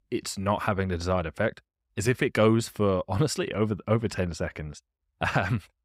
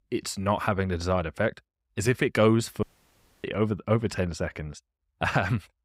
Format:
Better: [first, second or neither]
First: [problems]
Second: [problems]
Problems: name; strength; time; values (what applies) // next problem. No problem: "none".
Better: first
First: none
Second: audio cutting out; at 3 s for 0.5 s